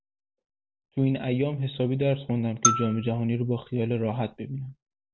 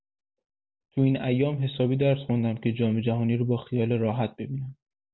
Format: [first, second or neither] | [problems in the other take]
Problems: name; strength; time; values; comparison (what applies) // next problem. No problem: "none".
second | background sound (Marimba, xylophone); 3 dB below the speech